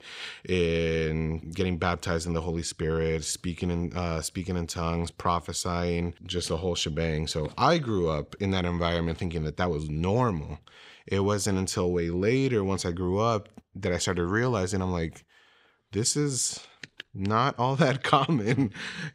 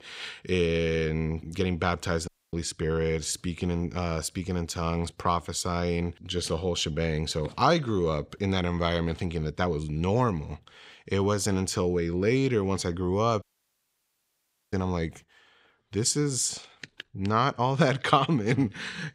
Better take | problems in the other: first | audio cutting out; at 2.5 s and at 13 s for 1.5 s

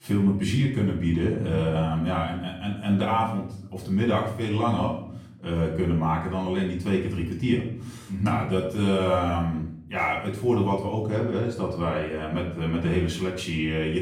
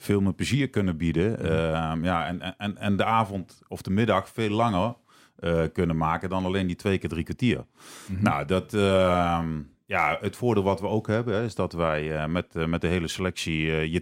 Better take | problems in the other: second | room echo; noticeable; dies away in 0.6 s // off-mic speech; far

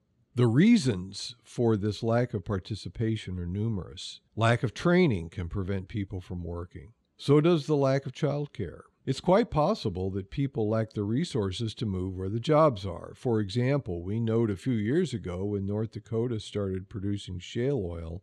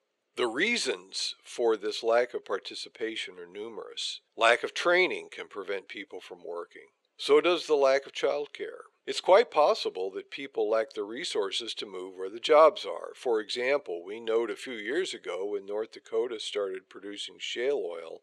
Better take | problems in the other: first | thin; very; fading below 450 Hz

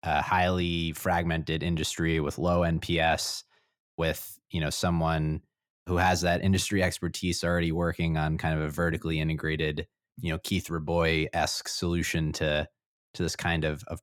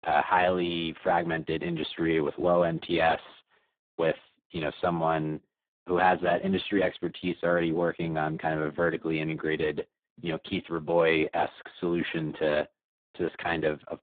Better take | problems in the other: first | phone-call audio; poor line; nothing above 3.5 kHz

